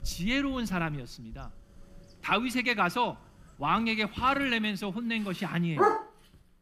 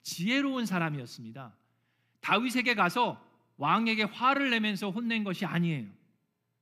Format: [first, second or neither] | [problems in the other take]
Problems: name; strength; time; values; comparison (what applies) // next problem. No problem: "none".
second | animal sounds; loud; throughout; 2 dB below the speech